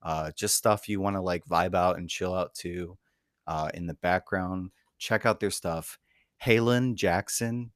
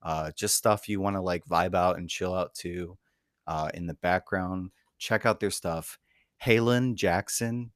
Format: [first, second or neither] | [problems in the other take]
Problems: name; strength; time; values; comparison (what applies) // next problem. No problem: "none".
neither | none